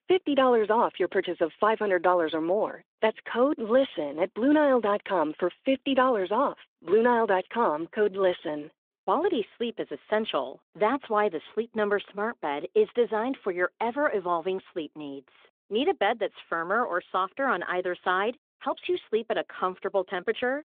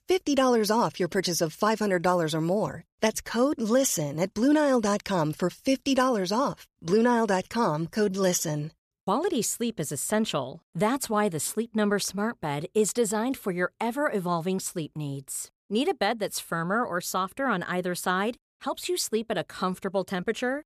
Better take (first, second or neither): second